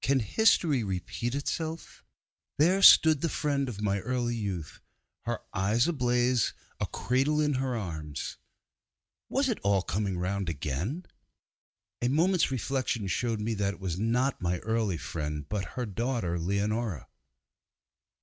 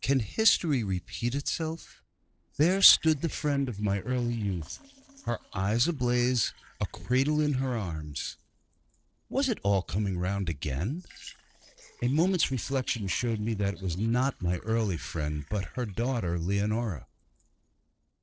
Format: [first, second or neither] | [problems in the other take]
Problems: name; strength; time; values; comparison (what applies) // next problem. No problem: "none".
first | noise reduction (neural separator model SepFormer DNS4)